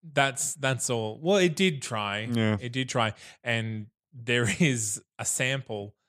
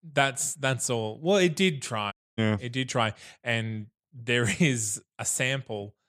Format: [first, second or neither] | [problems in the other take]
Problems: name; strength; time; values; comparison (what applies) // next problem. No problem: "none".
first | audio cutting out; at 2 s